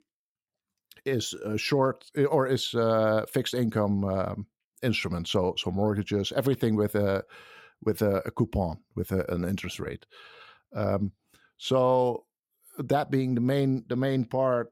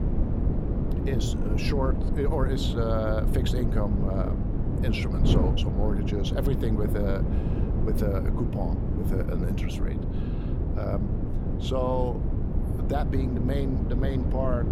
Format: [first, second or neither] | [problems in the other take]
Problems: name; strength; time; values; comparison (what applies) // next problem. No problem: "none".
first | wind noise on the microphone; heavy; 4 dB below the speech